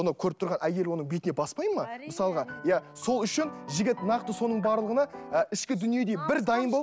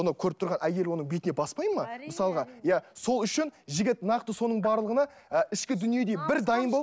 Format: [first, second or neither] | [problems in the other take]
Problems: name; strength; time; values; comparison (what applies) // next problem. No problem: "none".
second | background sound (Piano); 15 dB below the speech